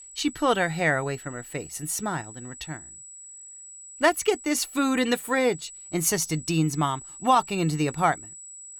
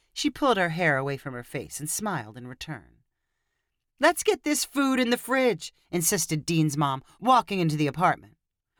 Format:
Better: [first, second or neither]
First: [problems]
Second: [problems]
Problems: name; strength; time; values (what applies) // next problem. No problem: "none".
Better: second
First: high-pitched whine; noticeable; throughout; 8 kHz, 15 dB below the speech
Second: none